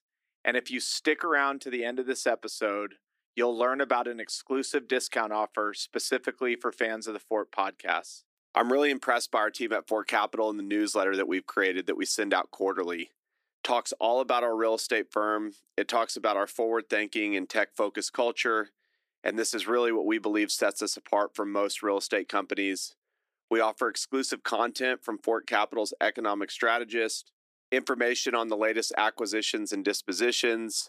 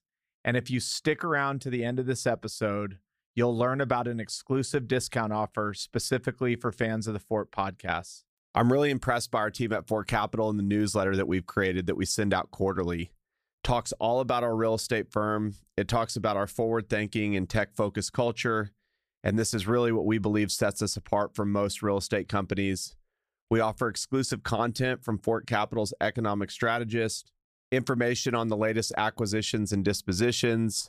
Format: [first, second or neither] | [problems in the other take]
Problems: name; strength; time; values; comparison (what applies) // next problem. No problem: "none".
second | thin; somewhat; fading below 300 Hz